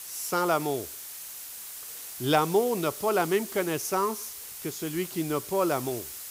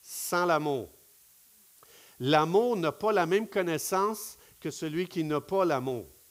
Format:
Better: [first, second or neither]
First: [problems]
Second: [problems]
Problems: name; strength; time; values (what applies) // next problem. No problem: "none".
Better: second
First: hiss; loud; throughout; 9 dB below the speech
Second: hiss; faint; throughout; 25 dB below the speech